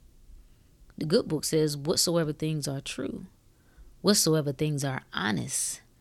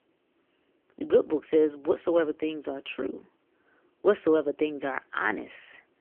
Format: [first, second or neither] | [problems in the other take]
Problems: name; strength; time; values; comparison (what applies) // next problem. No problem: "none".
first | phone-call audio; poor line; nothing above 3 kHz